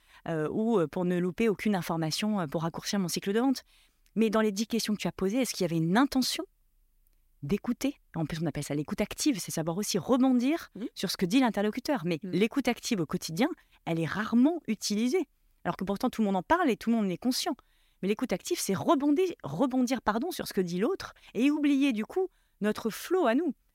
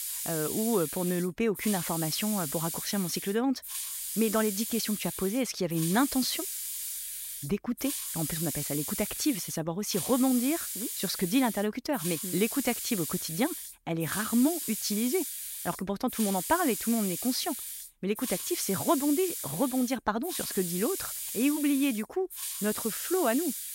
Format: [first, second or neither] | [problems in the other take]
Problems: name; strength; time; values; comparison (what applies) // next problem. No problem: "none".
first | hiss; loud; throughout; 4 dB below the speech